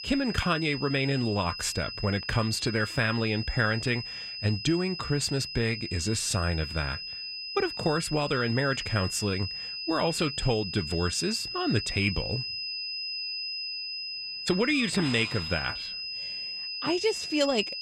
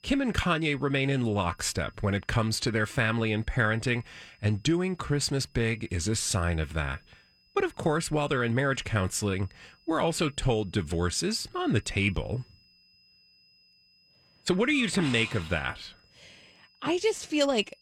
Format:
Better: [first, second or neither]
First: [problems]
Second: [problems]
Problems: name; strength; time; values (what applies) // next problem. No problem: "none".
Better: second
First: high-pitched whine; loud; throughout; 5 kHz, 6 dB below the speech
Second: high-pitched whine; faint; throughout; 5 kHz, 35 dB below the speech